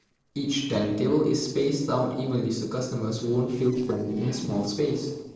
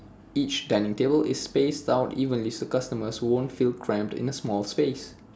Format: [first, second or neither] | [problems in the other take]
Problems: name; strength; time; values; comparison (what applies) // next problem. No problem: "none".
second | noise reduction (neural separator model SepFormer DNS4)